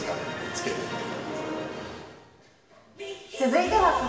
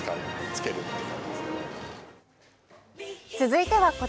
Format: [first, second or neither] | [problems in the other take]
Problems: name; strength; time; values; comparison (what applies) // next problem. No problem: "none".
second | room echo; dies away in 1.2 s